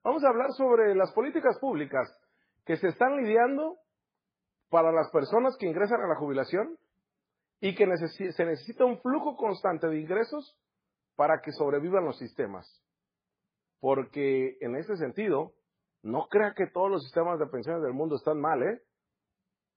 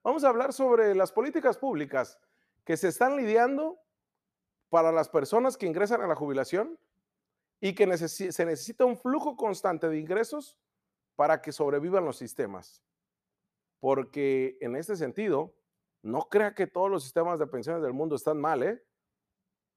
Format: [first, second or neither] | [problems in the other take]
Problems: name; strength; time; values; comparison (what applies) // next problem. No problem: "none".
second | garbled, watery; badly